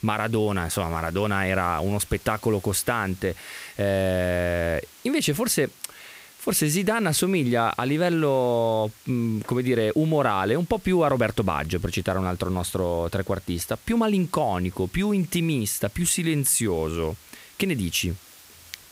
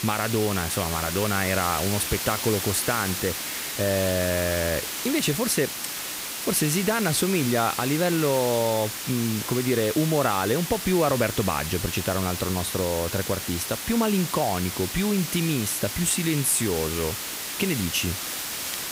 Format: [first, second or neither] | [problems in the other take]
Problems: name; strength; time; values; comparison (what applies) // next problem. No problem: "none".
first | hiss; loud; throughout; 4 dB below the speech; faint in the first